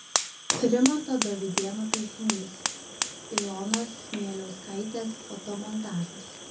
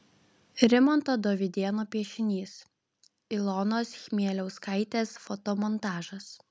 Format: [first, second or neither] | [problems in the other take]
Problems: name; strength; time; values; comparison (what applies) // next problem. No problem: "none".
second | background sound (Fire); 2 dB below the speech // room echo; dies away in 0.3 s